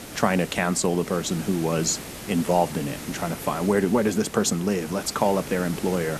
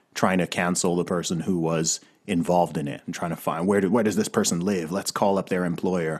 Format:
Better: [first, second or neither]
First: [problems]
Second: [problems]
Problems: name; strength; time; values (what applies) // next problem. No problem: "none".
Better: second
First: hiss; noticeable; throughout; 10 dB below the speech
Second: none